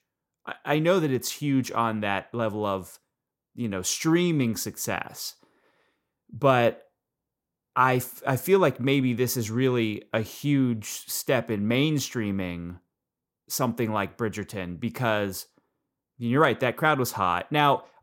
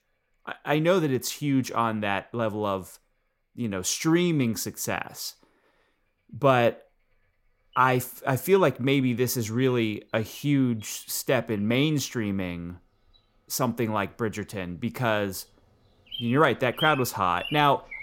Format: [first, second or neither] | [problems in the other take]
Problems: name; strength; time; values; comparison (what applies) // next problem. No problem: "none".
first | animal sounds; noticeable; throughout; 15 dB below the speech